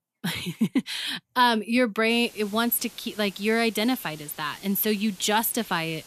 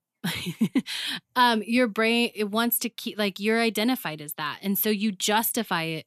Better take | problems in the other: second | hiss; faint; from 2 s on; 20 dB below the speech

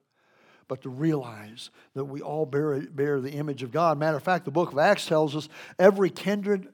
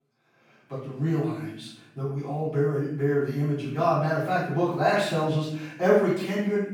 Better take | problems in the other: first | off-mic speech; far // room echo; noticeable; dies away in 0.7 s

